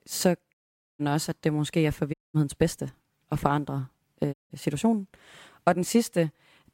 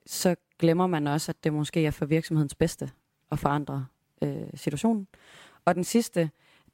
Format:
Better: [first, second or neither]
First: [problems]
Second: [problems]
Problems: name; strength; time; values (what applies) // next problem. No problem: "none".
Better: second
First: audio cutting out; at 0.5 s, at 2 s and at 4.5 s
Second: none